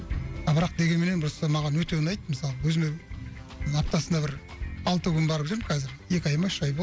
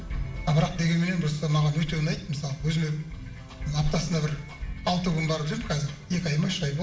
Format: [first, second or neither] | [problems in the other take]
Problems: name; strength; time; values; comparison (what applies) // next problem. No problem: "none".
first | room echo; dies away in 0.9 s